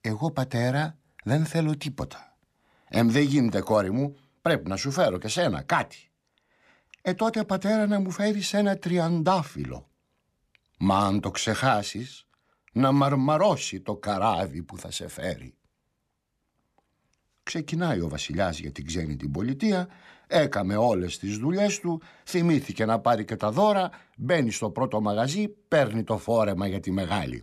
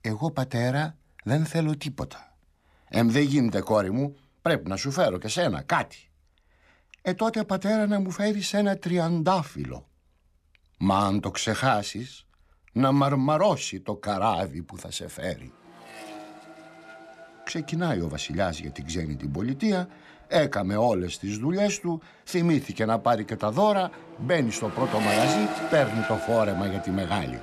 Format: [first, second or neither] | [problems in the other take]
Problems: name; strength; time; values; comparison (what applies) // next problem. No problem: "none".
first | traffic noise; loud; throughout; 7 dB below the speech